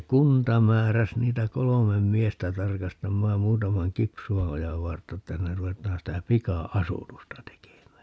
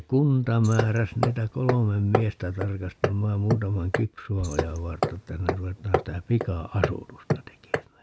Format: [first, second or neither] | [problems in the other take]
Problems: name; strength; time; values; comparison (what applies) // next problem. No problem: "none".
first | background sound (Hammer); 4 dB below the speech